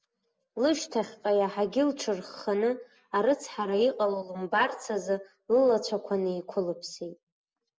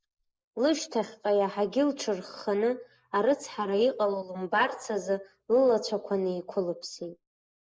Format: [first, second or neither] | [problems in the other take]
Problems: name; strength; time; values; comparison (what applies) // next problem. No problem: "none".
first | noise reduction (neural mask model Resemble Enhance denoiser)